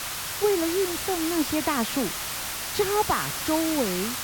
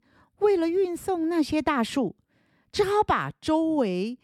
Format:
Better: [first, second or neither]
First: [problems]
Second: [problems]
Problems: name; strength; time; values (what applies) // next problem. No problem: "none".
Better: second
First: hiss; loud; throughout; 2 dB below the speech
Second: none